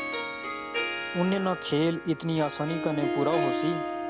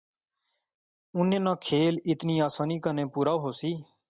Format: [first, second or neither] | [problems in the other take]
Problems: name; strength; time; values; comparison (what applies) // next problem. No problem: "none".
second | background sound (Harp); 2 dB below the speech